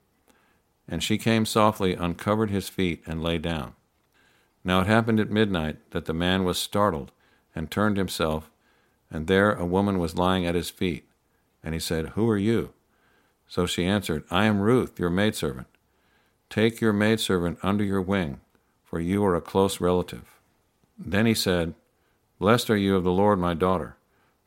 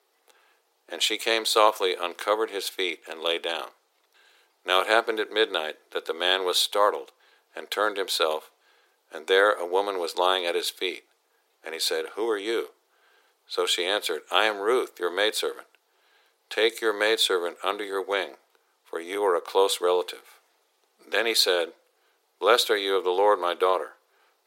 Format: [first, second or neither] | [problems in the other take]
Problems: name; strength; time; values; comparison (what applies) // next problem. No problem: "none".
first | thin; very; fading below 400 Hz